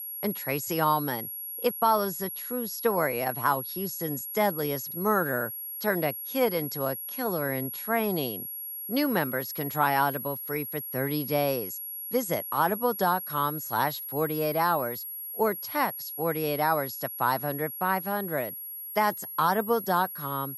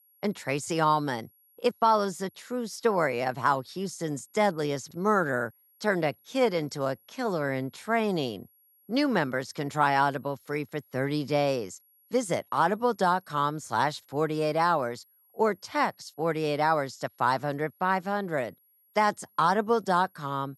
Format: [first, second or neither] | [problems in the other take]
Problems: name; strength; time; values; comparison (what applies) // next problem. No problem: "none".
second | high-pitched whine; loud; throughout; 11.5 kHz, 6 dB below the speech; faint in the second